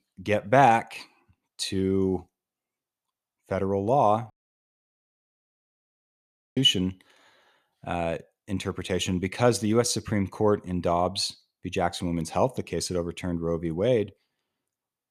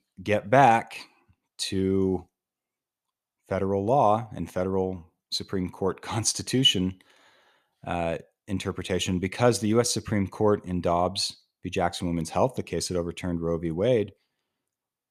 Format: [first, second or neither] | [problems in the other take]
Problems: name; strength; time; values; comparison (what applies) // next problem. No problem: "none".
second | audio cutting out; at 4.5 s for 2.5 s